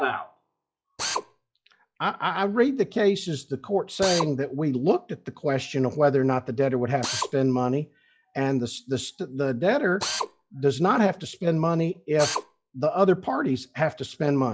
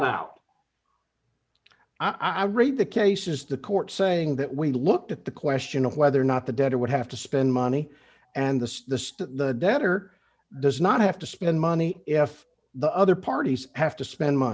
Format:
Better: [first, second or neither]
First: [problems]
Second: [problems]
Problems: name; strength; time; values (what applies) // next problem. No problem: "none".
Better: second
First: noise reduction (classical method log-MMSE)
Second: none